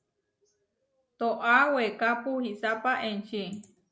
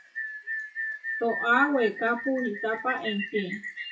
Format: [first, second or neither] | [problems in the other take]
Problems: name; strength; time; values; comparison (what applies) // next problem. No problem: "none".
first | noise reduction (classical method WPE with log-MMSE)